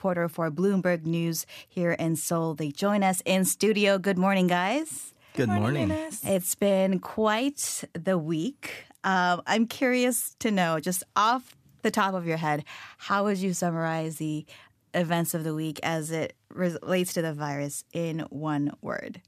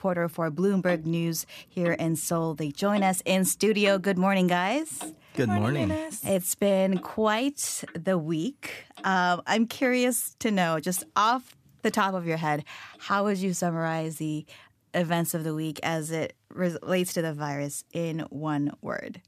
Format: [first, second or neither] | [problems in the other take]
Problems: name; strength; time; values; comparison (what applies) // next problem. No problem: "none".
first | household noises; noticeable; throughout; 20 dB below the speech